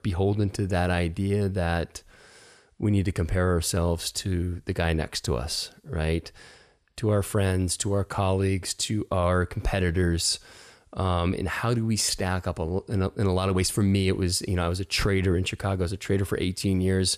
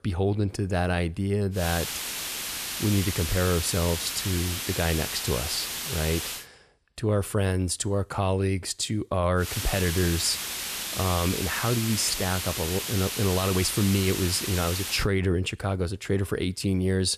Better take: first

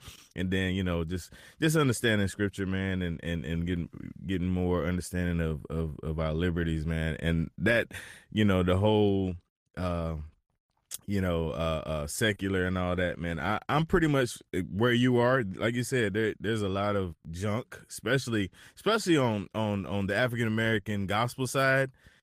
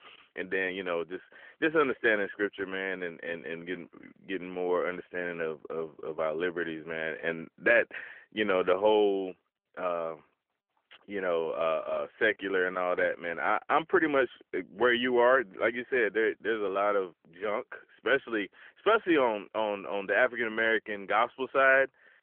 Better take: first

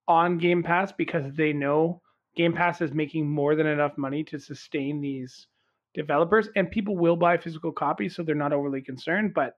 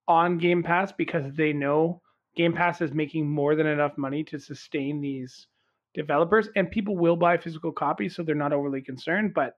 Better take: neither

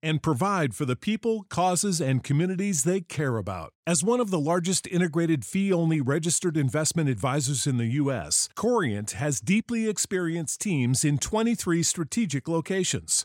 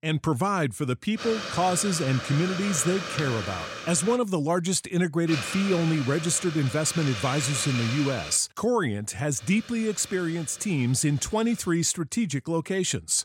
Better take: first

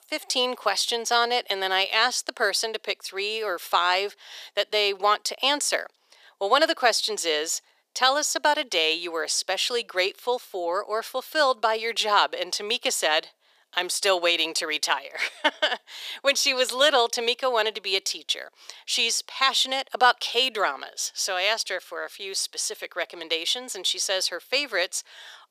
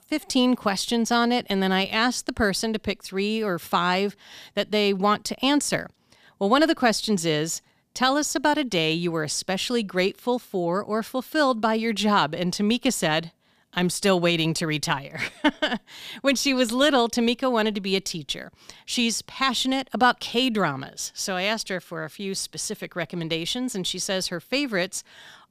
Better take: second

